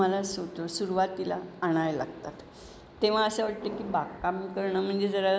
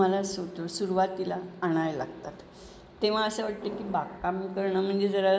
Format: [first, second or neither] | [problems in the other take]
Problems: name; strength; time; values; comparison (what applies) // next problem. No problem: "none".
first | room echo; dies away in 0.3 s